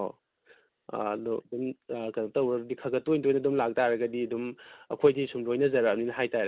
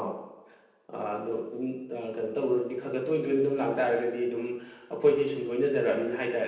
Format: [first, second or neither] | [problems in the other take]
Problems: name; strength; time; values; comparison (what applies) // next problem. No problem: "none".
first | room echo; dies away in 0.9 s